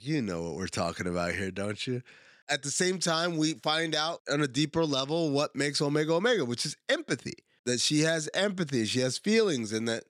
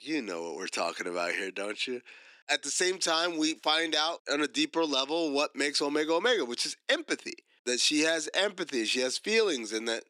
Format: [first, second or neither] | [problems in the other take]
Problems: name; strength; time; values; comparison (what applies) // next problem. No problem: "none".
first | thin; very slightly; fading below 300 Hz